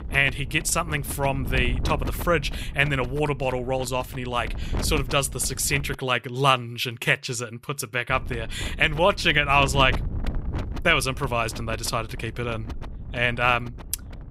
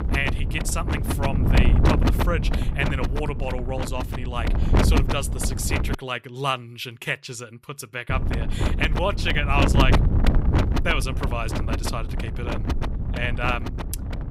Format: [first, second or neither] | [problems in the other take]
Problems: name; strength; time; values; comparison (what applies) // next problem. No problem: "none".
first | wind noise on the microphone; heavy; until 6 s and from 8 s on; 3 dB below the speech; occasional gusts in the first